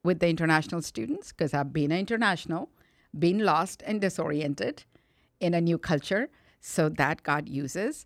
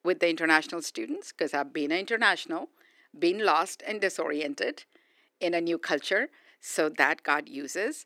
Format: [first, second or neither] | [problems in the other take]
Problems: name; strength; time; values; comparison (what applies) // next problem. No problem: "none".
first | thin; somewhat; fading below 350 Hz